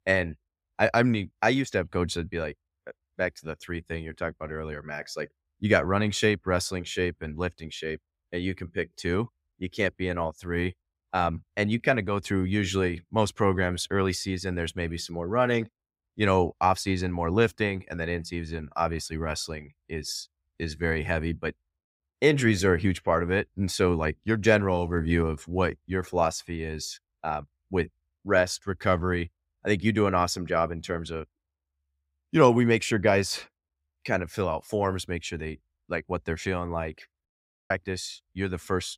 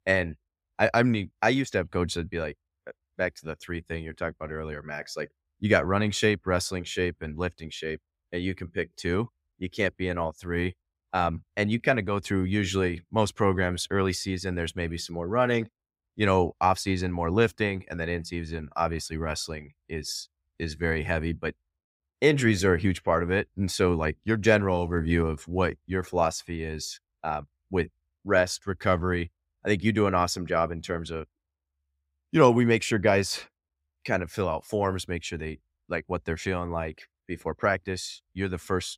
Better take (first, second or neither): second